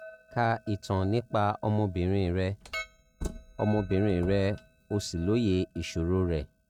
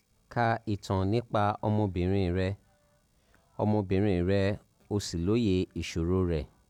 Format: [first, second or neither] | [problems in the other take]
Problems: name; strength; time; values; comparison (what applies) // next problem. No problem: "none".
second | noise reduction (neural mask model RNNoise)